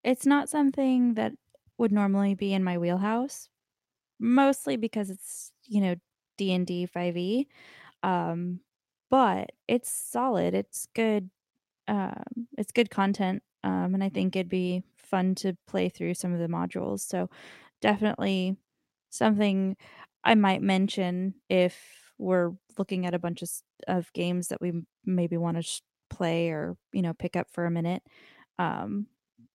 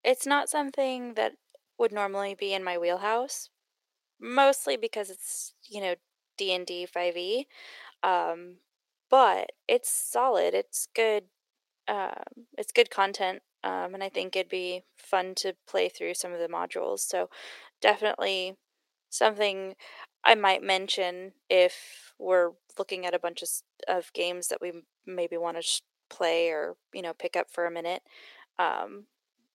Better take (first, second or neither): first